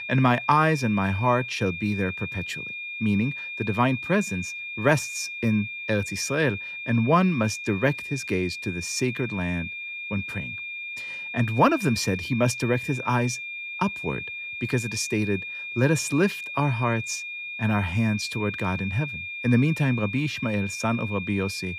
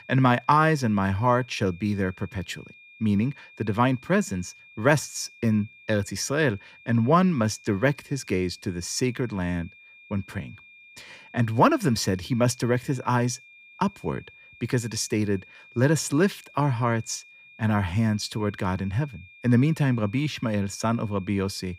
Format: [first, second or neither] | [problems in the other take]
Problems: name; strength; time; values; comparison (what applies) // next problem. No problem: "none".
second | high-pitched whine; loud; throughout; 2.5 kHz, 7 dB below the speech; faint in the second